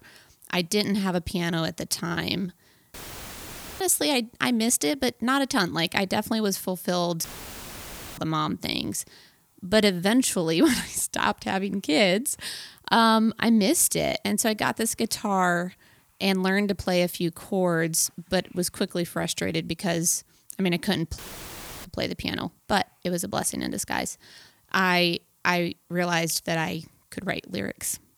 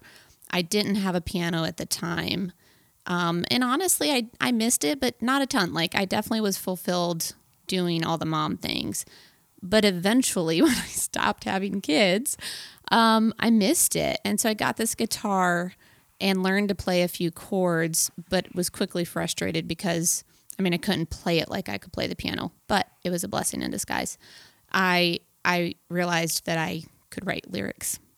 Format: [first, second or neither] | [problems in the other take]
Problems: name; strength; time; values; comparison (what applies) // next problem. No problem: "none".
second | audio cutting out; filled with static; at 3 s for 1 s, at 7 s for 1 s and at 21 s for 0.5 s